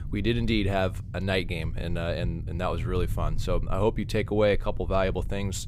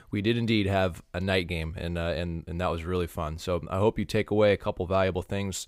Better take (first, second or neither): second